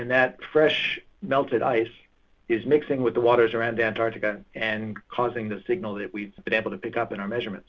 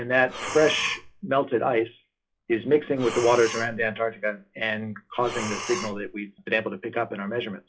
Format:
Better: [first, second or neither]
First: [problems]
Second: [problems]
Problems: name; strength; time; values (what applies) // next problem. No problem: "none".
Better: first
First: none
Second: noise reduction (classical method log-MMSE)